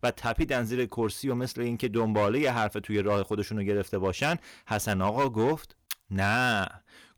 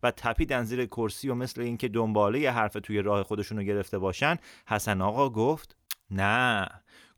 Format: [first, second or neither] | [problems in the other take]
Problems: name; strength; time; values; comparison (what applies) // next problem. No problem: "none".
second | distortion; slight; 5% of the sound clipped